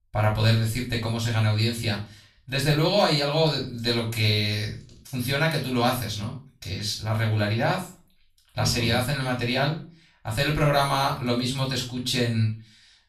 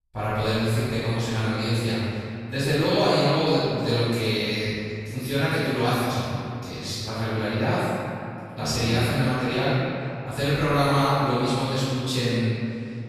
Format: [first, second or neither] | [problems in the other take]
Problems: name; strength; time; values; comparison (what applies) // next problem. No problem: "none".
first | room echo; strong; dies away in 2.5 s; slight in the first // off-mic speech; far; far in the first